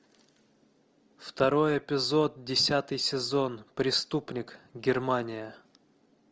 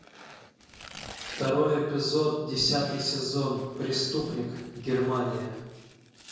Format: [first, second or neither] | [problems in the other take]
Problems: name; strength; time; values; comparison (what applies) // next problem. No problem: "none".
first | background sound (Tearing); 19 dB below the speech // room echo; dies away in 0.9 s